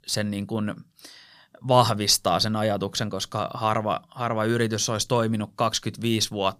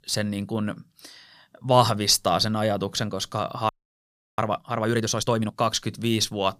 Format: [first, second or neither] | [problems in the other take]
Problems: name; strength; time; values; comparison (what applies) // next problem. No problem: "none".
first | audio freezing; at 3.5 s for 0.5 s